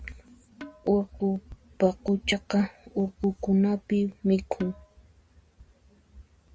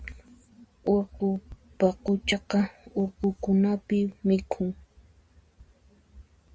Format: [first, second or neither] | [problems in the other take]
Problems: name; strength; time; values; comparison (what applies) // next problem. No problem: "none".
second | background sound (Percussion); 18 dB below the speech